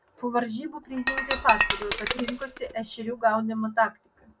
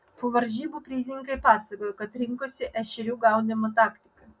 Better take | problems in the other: second | background sound (Shatter); 3 dB below the speech

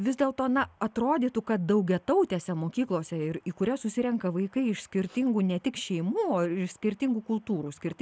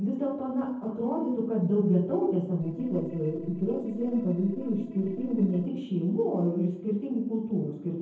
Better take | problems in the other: first | noise reduction (neural separator model SepFormer DNS4)

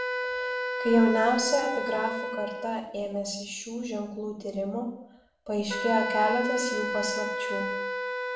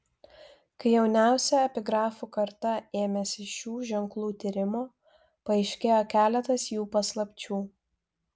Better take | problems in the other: second | background sound (Wind instrument, woodwind instrument); 4 dB below the speech // room echo; dies away in 0.6 s

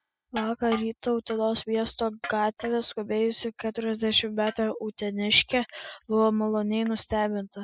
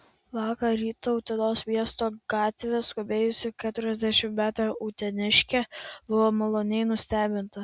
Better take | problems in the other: second | noise reduction (classical method spectral subtraction)

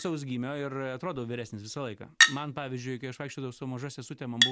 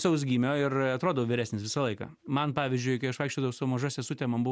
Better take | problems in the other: second | background sound (Chink, clink); 3 dB above the speech

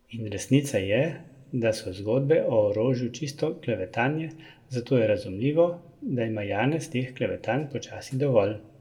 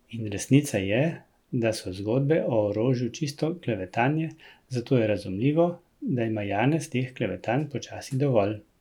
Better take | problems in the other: second | room echo; dies away in 0.6 s

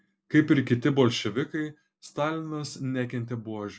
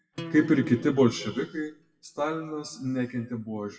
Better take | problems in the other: first | noise reduction (classical method WPE with log-MMSE)

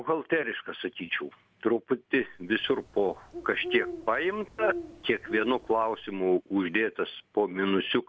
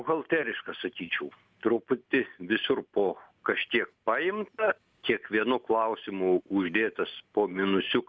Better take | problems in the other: second | background sound (Bird); 11 dB below the speech

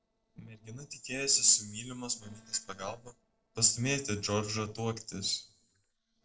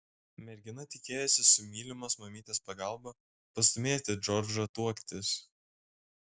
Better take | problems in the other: second | noise reduction (neural separator model SepFormer DNS4)

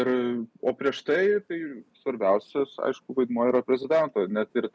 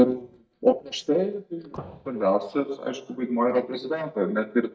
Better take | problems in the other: first | noise reduction (neural mask model DeepFilterNet 3)

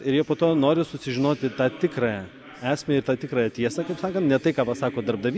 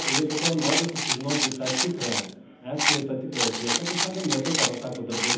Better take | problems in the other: first | background sound (Rattle); 1 dB above the speech // room echo; dies away in 0.8 s

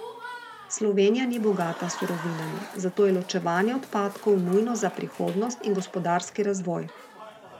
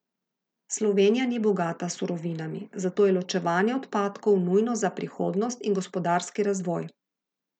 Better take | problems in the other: second | background sound (Applause / Crowd); 16 dB below the speech

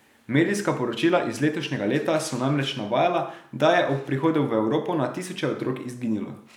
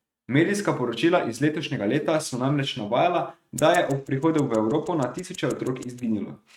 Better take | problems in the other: first | noise reduction (neural mask model RNNoise)

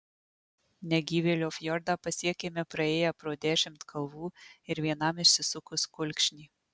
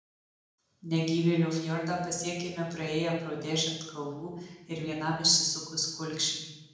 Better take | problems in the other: first | room echo; dies away in 0.8 s

